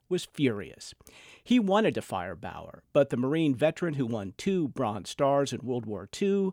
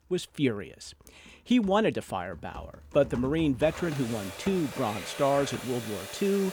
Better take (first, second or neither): first